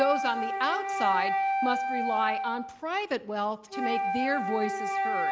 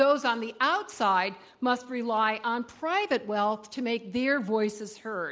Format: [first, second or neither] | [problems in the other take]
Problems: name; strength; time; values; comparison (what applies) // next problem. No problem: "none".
second | background sound (Wind instrument, woodwind instrument); 1 dB above the speech